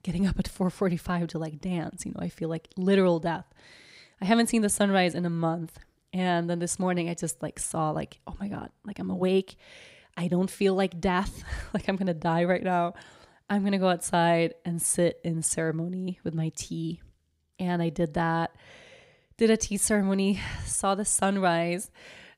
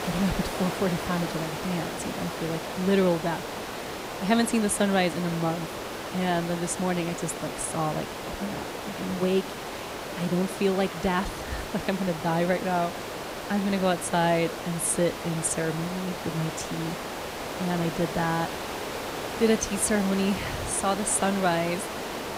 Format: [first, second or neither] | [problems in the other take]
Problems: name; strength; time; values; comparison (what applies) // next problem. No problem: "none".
first | hiss; loud; throughout; 6 dB below the speech